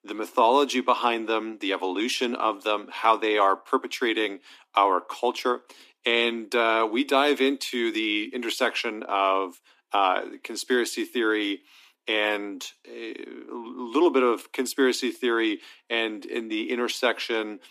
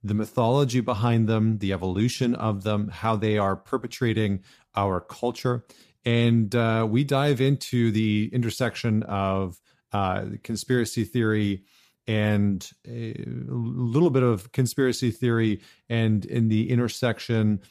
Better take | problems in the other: second | thin; very; fading below 250 Hz

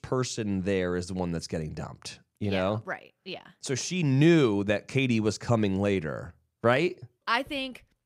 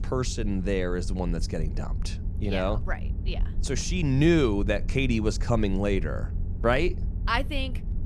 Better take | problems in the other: first | low rumble; noticeable; throughout; 20 dB below the speech

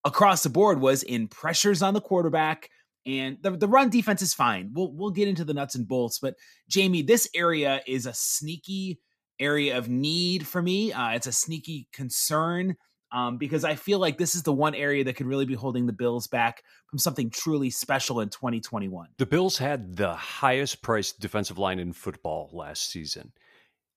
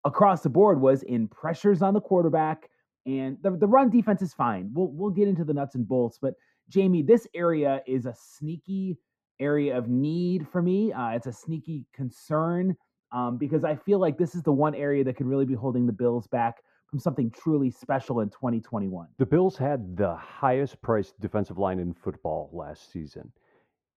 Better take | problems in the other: first | muffled; very; fading above 2 kHz

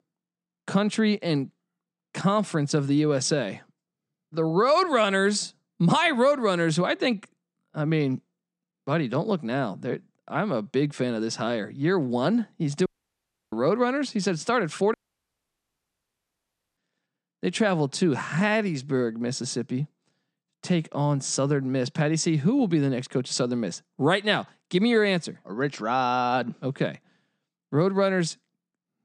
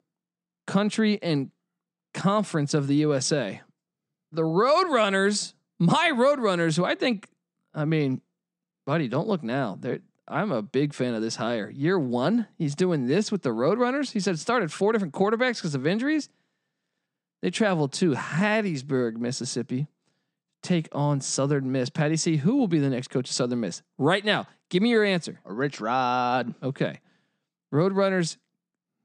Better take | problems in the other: second | audio cutting out; at 13 s for 0.5 s and at 15 s for 2 s

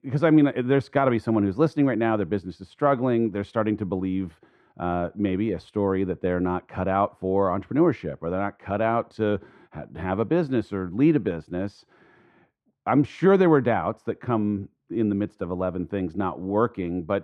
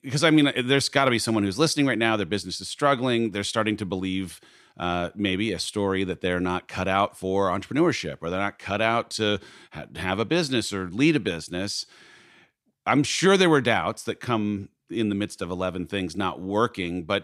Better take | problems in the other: second | muffled; very; fading above 2.5 kHz

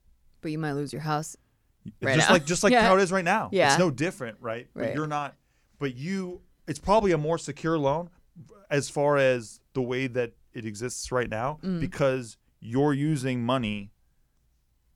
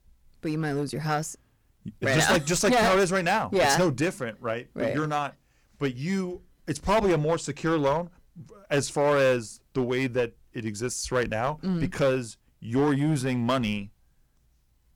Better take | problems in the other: first | distortion; heavy; 8% of the sound clipped

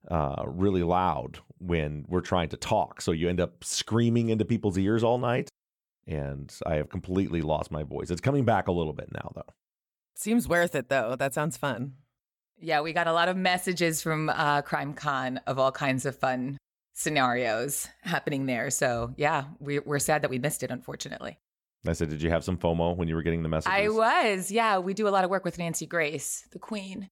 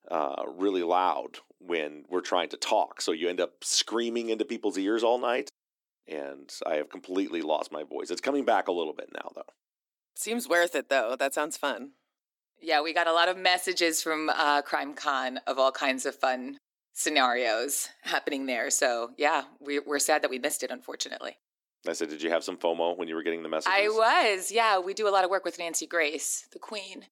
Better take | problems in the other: first | thin; somewhat; fading below 300 Hz

